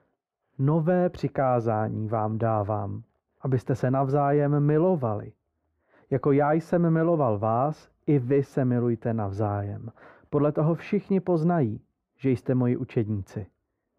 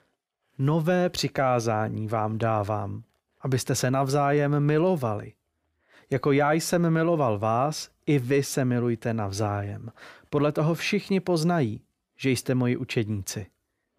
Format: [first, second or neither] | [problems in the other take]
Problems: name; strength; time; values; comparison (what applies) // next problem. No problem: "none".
second | muffled; very; fading above 2.5 kHz